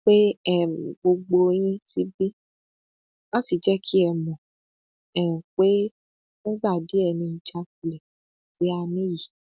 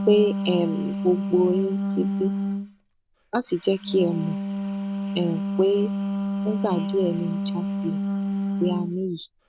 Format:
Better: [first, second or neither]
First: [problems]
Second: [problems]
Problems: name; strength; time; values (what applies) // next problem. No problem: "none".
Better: first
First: none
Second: background sound (Wind instrument, woodwind instrument); 2 dB below the speech